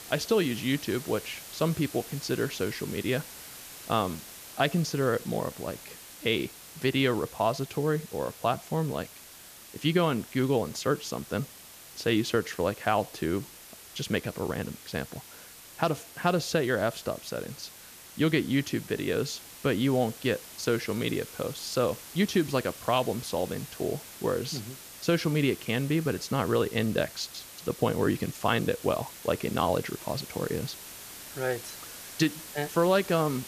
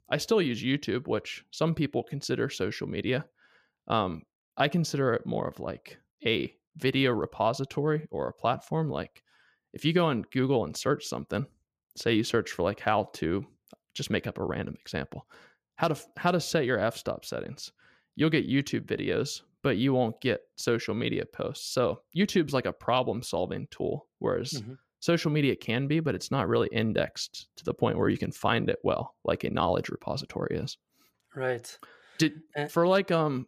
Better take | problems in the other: second | hiss; noticeable; throughout; 15 dB below the speech

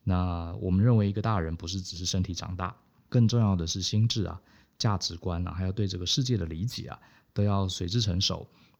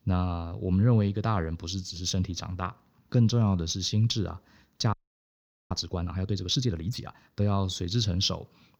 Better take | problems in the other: first | audio freezing; at 5 s for 1 s

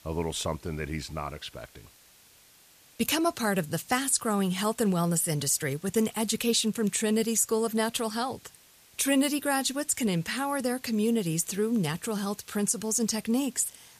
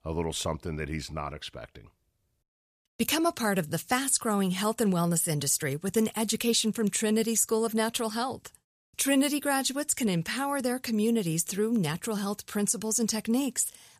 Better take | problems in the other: second | hiss; faint; throughout; 25 dB below the speech

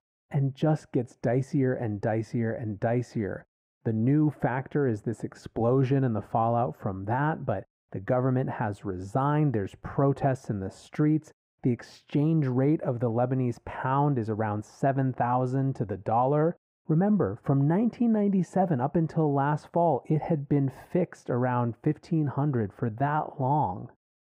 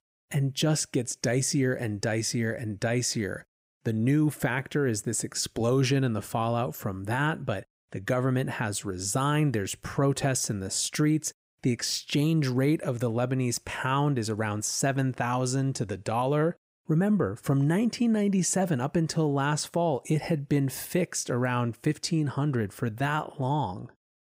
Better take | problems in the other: second | muffled; very; fading above 2.5 kHz

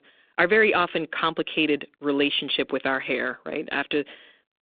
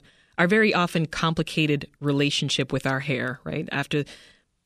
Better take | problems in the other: second | phone-call audio; nothing above 3.5 kHz

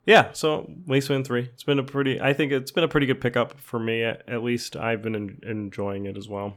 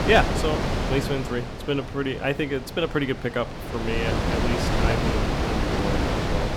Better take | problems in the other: first | wind noise on the microphone; heavy; as loud as the speech

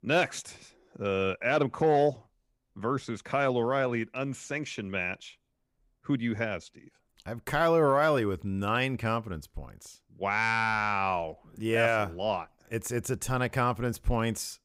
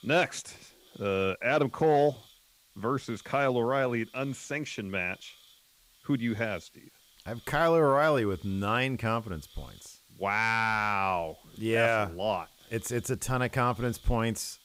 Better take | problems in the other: first | hiss; faint; throughout; 25 dB below the speech

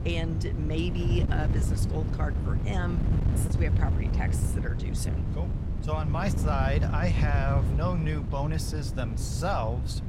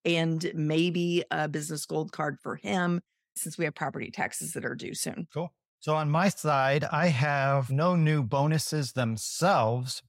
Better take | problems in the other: second | wind noise on the microphone; heavy; 6 dB below the speech

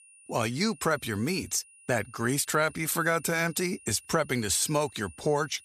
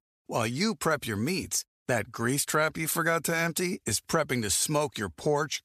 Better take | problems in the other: second | high-pitched whine; faint; throughout; 9.5 kHz, 25 dB below the speech

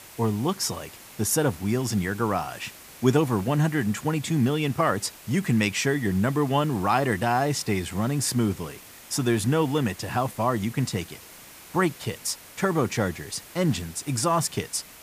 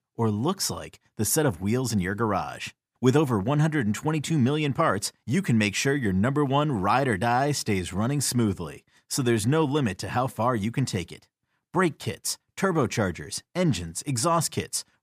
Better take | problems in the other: second | hiss; noticeable; throughout; 20 dB below the speech

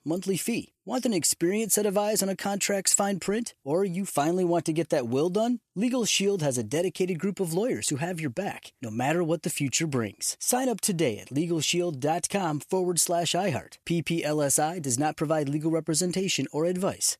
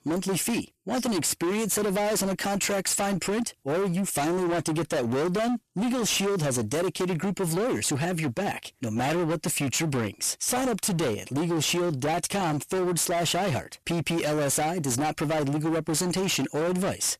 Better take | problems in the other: first | distortion; heavy; 35% of the sound clipped

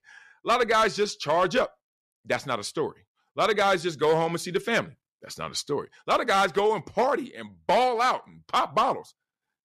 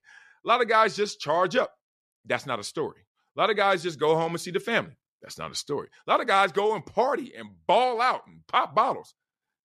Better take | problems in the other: second | distortion; slight; 4% of the sound clipped

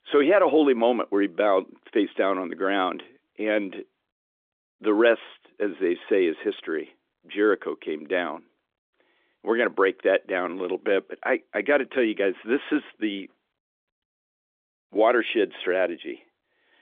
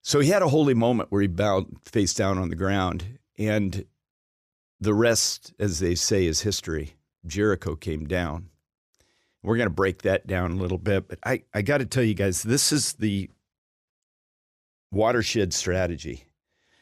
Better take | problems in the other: second | phone-call audio; nothing above 3.5 kHz

